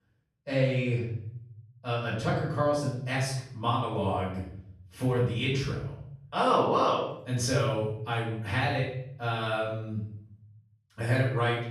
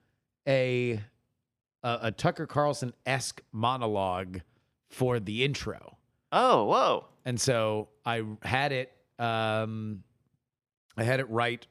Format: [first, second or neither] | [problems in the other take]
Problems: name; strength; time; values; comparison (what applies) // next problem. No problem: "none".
second | off-mic speech; far // room echo; noticeable; dies away in 0.7 s